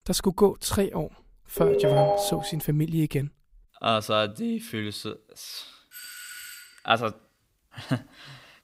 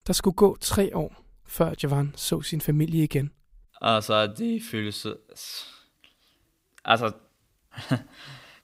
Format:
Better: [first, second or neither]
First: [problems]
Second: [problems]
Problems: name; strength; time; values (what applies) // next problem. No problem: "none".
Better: second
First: phone ringing; loud; at 1.5 s; peak 6 dB above the speech // doorbell; faint; at 6 s; peak 10 dB below the speech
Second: none